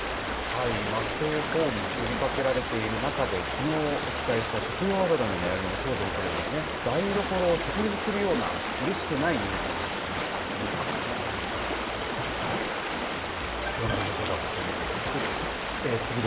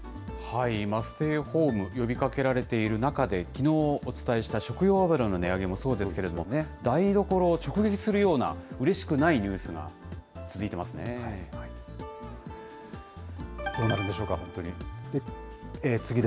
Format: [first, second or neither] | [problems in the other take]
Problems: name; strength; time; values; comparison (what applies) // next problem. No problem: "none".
second | background sound (Stream); as loud as the speech // room echo; dies away in 1.1 s